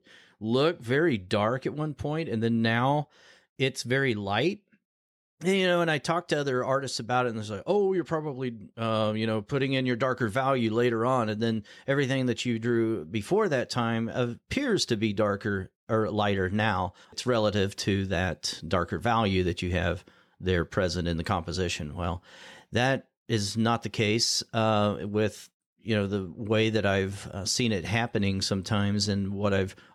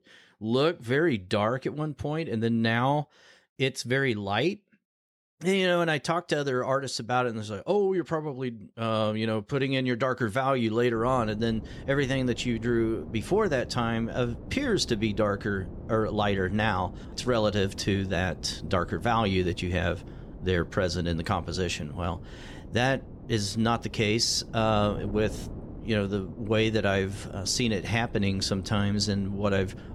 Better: first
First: none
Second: wind noise on the microphone; occasional gusts; from 11 s on; 20 dB below the speech

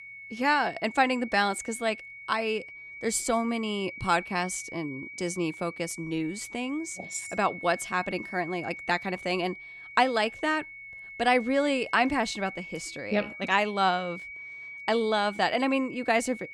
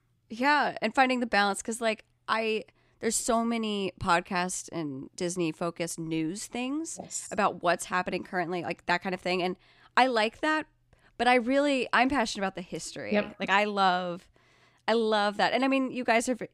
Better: second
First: high-pitched whine; noticeable; throughout; 2.5 kHz, 15 dB below the speech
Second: none

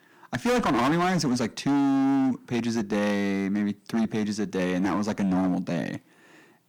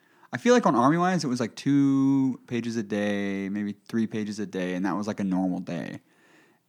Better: second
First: distortion; heavy; 19% of the sound clipped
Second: none

